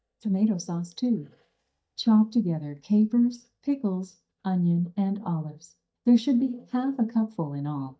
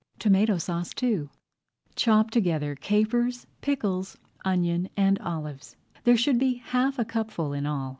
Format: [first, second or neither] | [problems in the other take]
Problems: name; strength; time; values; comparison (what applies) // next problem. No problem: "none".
second | noise reduction (neural mask model DeepFilterNet 3)